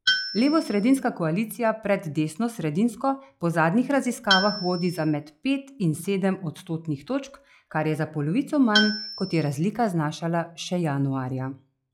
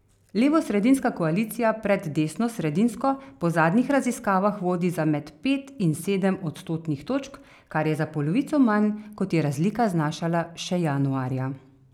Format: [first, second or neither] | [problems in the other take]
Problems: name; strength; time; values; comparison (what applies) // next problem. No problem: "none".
second | noise reduction (classical method log-MMSE)